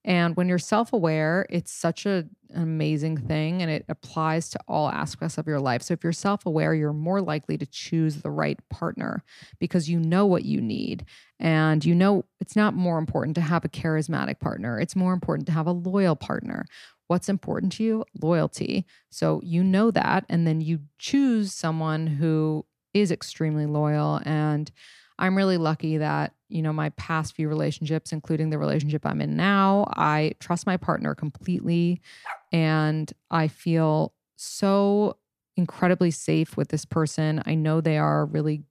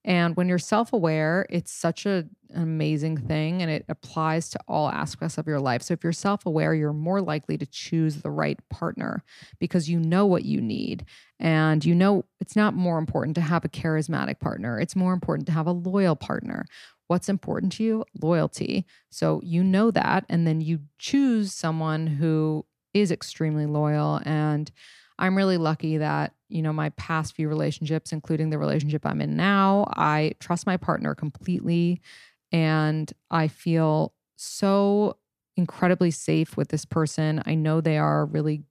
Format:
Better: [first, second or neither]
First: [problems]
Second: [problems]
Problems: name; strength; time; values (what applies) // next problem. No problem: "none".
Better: second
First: dog barking; faint; at 32 s; peak 15 dB below the speech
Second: none